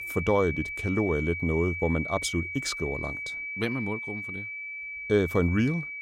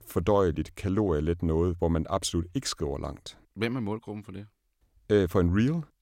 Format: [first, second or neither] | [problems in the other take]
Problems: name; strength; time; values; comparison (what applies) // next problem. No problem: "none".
second | high-pitched whine; loud; throughout; 2.5 kHz, 5 dB below the speech